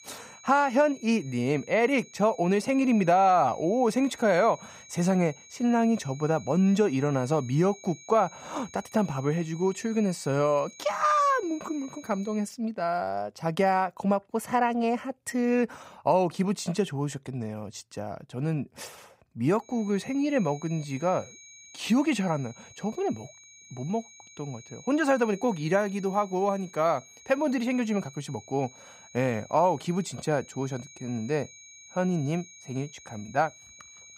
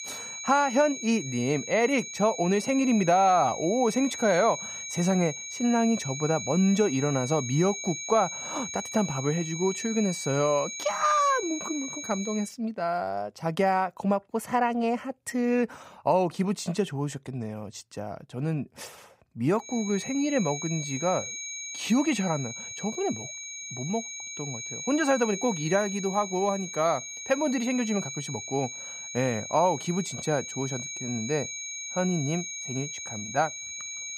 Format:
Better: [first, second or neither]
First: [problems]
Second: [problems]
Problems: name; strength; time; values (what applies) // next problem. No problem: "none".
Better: first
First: high-pitched whine; faint; until 12 s and from 20 s on; 6.5 kHz, 20 dB below the speech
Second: high-pitched whine; loud; until 12 s and from 20 s on; 6.5 kHz, 7 dB below the speech